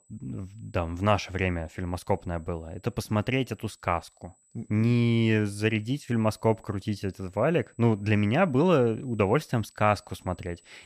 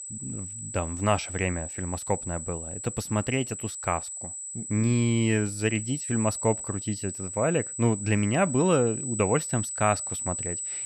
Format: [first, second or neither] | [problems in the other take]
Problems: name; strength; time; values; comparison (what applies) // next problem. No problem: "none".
first | high-pitched whine; loud; throughout; 8 kHz, 6 dB below the speech; faint in the first